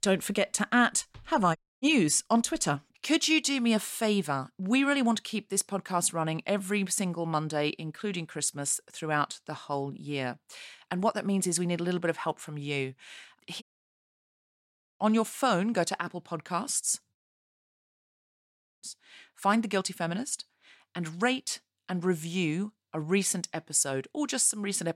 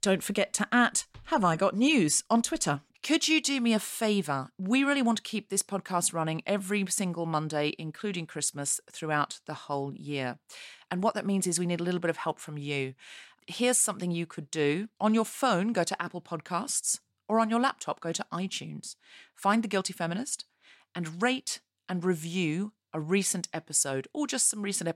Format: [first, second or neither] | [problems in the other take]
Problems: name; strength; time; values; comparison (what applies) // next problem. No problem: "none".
second | audio cutting out; at 1.5 s, at 14 s for 1.5 s and at 17 s for 1.5 s